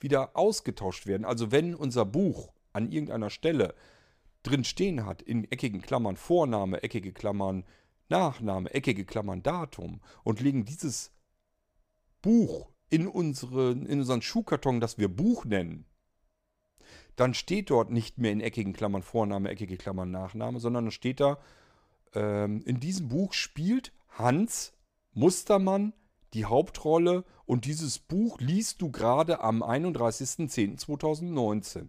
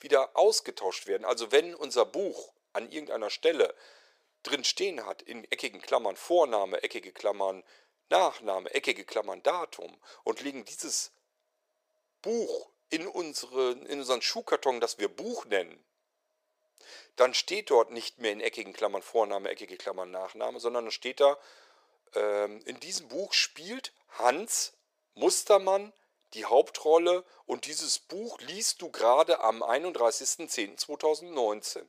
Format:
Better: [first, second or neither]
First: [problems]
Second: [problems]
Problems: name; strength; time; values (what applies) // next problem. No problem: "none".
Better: first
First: none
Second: thin; very; fading below 450 Hz